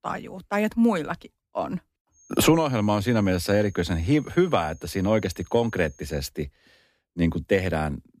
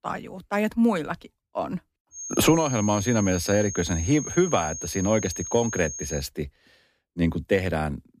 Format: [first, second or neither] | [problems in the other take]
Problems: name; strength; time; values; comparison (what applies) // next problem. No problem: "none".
first | high-pitched whine; loud; from 2 to 6 s; 6.5 kHz, 8 dB below the speech; faint in the first